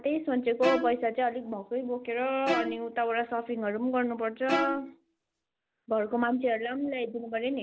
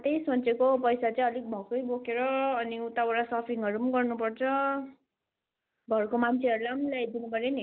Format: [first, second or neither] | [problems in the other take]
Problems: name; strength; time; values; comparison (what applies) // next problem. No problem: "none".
second | background sound (Bowed string instrument); 6 dB below the speech